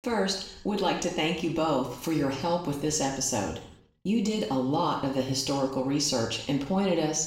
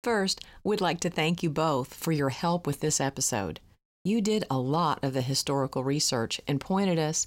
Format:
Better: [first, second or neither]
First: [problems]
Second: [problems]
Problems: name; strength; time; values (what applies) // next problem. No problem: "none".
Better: second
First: room echo; noticeable; dies away in 0.6 s // off-mic speech; far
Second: none